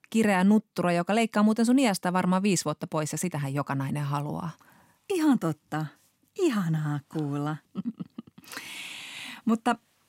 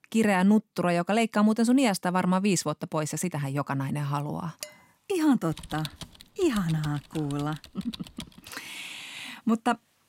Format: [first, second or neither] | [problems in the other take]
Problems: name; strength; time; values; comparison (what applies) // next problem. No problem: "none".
first | clattering dishes; faint; at 4.5 s; peak 15 dB below the speech // keyboard typing; faint; from 5.5 to 8.5 s; peak 15 dB below the speech